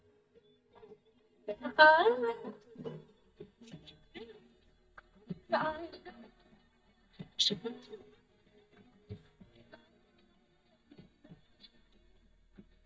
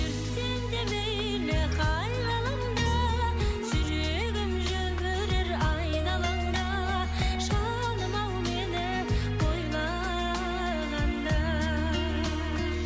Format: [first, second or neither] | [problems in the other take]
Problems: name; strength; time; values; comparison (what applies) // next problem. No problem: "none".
second | noise reduction (neural mask model DeepFilterNet 3)